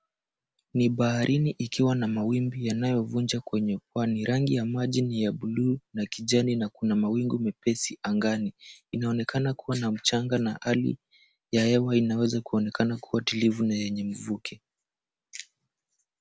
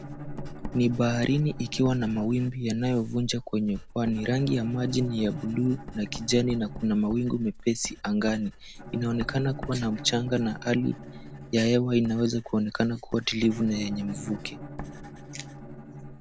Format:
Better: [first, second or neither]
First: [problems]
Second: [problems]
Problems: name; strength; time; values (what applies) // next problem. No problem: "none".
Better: first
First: none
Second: background sound (Bowed string instrument + Writing); 13 dB below the speech